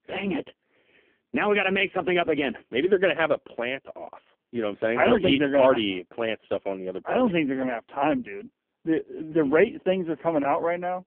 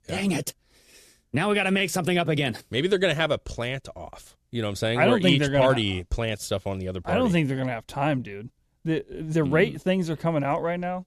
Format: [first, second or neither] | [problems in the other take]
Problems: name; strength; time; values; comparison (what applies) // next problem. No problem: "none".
second | phone-call audio; poor line; nothing above 3.5 kHz